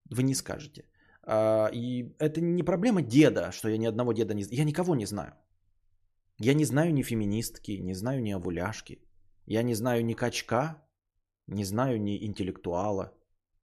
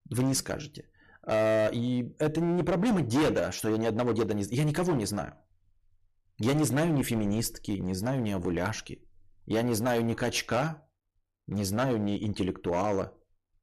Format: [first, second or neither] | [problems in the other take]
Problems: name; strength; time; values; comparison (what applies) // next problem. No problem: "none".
first | distortion; heavy; 11% of the sound clipped